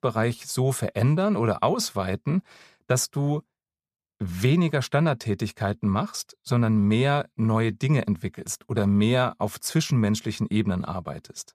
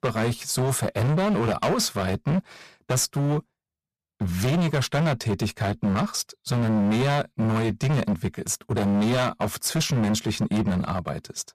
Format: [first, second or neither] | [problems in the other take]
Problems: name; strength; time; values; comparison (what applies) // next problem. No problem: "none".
first | distortion; heavy; 22% of the sound clipped